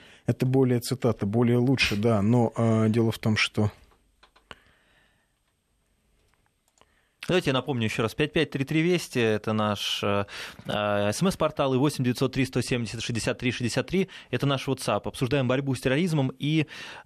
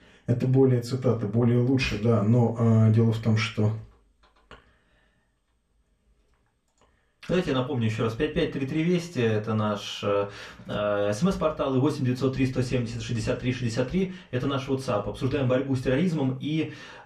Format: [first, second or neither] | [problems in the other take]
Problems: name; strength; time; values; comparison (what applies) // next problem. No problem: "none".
first | room echo; very slight; dies away in 0.3 s // off-mic speech; far